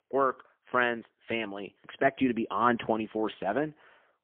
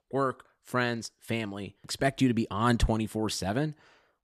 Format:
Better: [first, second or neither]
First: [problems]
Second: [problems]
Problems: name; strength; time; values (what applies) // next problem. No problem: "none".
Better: second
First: phone-call audio; poor line; nothing above 3.5 kHz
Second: none